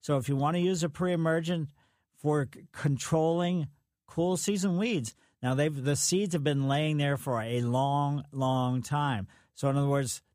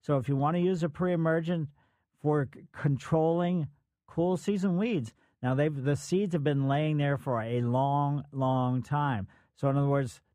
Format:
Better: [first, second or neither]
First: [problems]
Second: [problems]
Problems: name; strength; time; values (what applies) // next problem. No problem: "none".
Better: first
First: none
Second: muffled; slightly; fading above 3 kHz